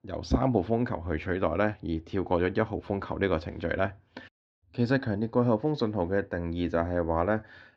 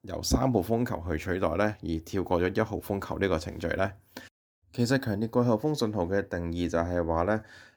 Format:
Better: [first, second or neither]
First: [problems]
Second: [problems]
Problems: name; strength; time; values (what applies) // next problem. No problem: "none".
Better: second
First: muffled; slightly; fading above 4 kHz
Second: none